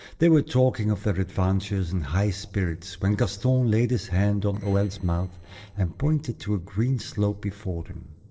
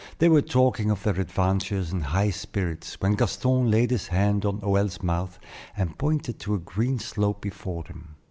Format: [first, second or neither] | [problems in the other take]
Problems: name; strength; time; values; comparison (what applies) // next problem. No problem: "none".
second | noise reduction (neural separator model SepFormer DNS4)